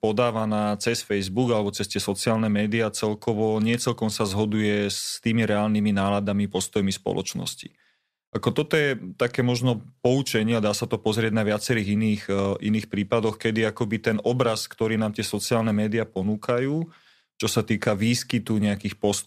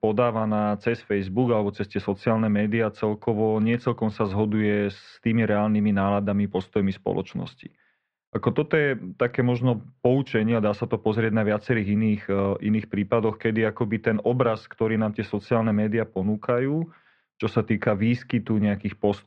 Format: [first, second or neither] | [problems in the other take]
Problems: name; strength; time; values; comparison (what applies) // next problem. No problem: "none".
first | muffled; very; fading above 2.5 kHz